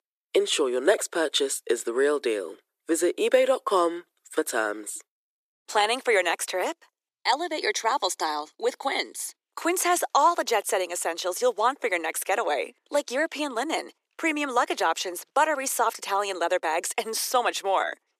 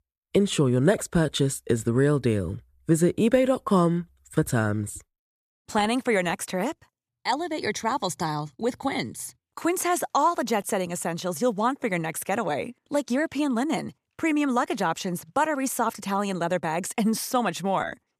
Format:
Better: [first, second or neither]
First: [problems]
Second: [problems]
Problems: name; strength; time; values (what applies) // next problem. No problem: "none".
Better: second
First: thin; very; fading below 350 Hz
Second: none